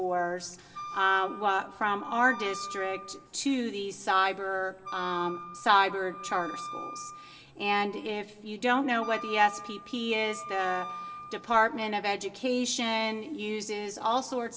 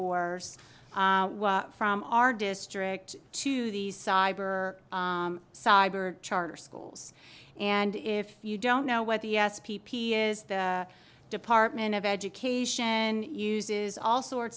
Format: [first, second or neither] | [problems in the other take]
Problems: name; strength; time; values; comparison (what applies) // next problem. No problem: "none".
second | background sound (Wind instrument, woodwind instrument); 12 dB below the speech // room echo; dies away in 1.4 s